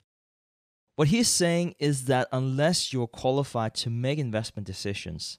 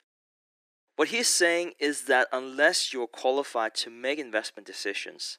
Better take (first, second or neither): first